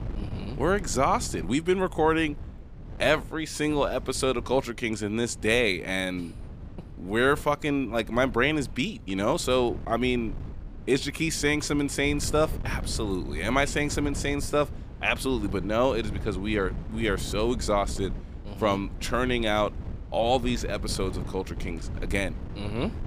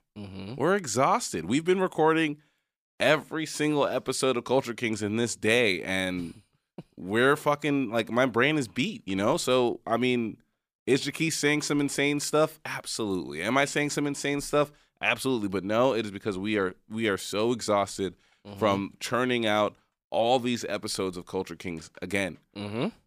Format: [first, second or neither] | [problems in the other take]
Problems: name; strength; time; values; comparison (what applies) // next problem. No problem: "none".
second | wind noise on the microphone; occasional gusts; 20 dB below the speech